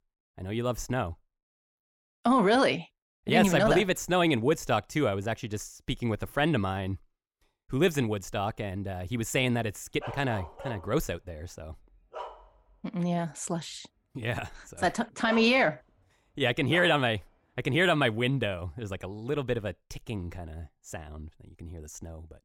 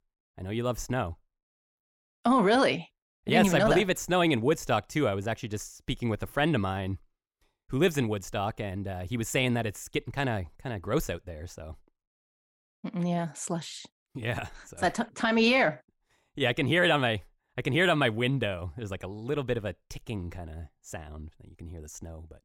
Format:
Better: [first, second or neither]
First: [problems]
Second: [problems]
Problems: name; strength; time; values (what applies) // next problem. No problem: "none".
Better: second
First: dog barking; faint; from 10 to 17 s; peak 10 dB below the speech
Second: none